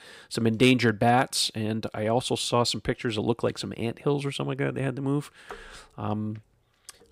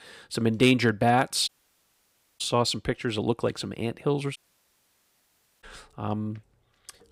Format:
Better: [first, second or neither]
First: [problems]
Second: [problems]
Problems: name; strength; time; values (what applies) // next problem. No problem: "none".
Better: first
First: none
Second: audio cutting out; at 1.5 s for 1 s and at 4.5 s for 1.5 s